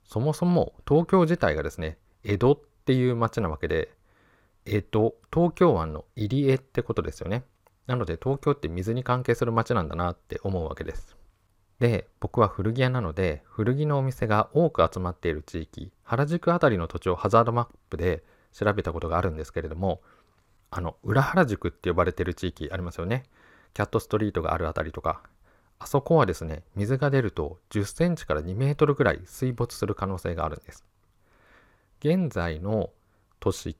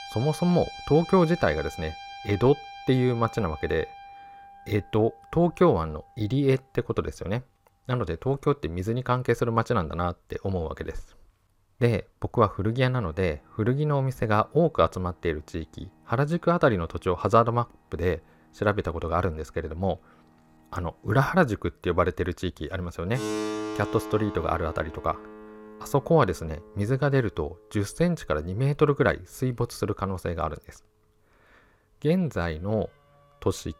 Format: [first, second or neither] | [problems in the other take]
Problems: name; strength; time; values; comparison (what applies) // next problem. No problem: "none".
first | background music; noticeable; throughout; 15 dB below the speech